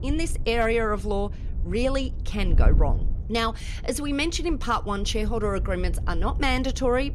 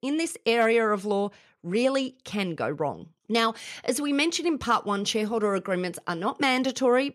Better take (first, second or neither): second